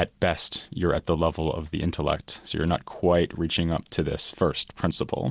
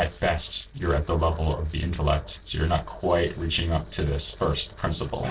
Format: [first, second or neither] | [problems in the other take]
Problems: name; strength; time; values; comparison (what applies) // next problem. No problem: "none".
first | noise reduction (neural separator model SepFormer DNS4)